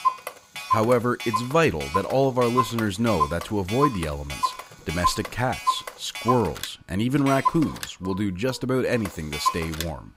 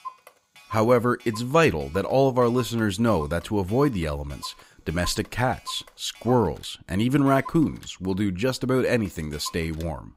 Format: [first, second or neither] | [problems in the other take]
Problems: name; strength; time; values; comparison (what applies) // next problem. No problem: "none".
second | household noises; loud; throughout; 4 dB below the speech; faint in the second